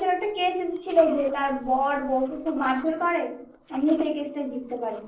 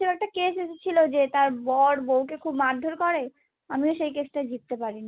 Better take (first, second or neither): second